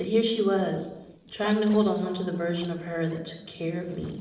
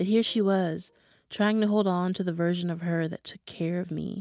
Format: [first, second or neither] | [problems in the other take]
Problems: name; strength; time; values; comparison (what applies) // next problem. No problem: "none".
second | noise reduction (neural separator model SepFormer DNS4)